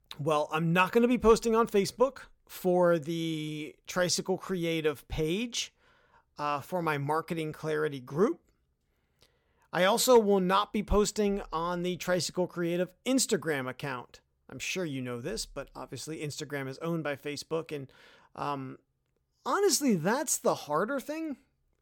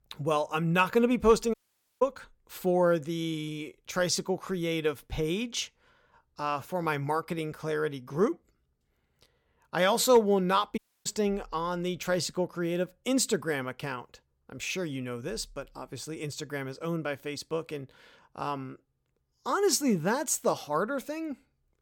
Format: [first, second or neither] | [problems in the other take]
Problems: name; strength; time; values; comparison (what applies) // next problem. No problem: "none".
first | audio cutting out; at 1.5 s and at 11 s